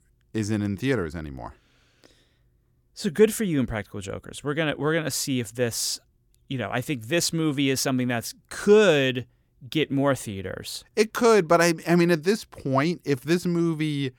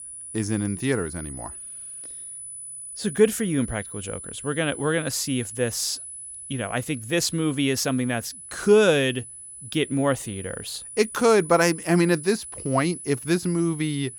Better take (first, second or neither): first